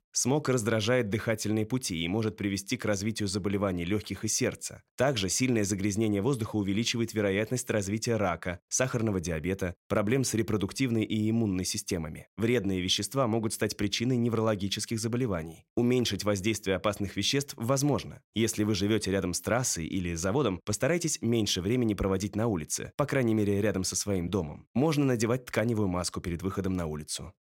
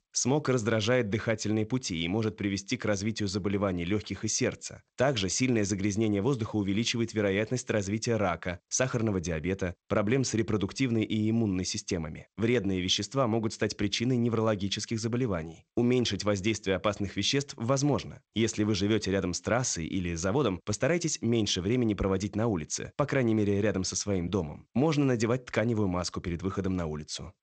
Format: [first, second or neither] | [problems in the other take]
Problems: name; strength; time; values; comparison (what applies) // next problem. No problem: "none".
first | garbled, watery; slightly; nothing above 7.5 kHz